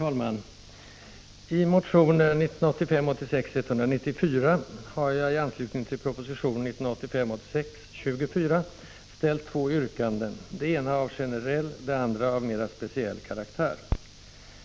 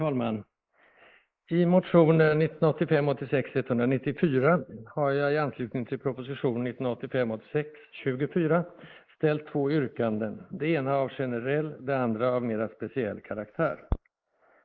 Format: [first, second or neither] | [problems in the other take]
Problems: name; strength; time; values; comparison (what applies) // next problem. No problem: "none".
first | noise reduction (neural mask model Resemble Enhance denoiser)